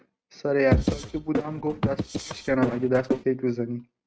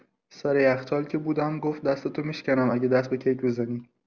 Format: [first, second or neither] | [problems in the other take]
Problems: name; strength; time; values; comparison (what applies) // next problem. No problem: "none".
second | noise reduction (neural mask model RNNoise)